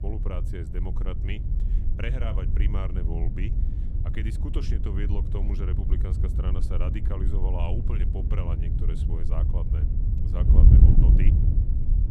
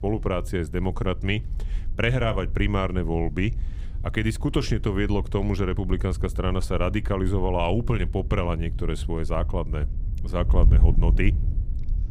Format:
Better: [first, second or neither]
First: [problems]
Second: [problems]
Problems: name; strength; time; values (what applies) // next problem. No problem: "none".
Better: second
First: wind noise on the microphone; heavy; 1 dB below the speech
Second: wind noise on the microphone; occasional gusts; 20 dB below the speech